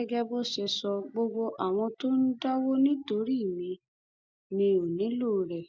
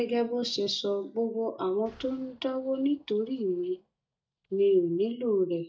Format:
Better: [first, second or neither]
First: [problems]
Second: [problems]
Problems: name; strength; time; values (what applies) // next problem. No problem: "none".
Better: first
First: none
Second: noise reduction (neural mask model DeepFilterNet 3)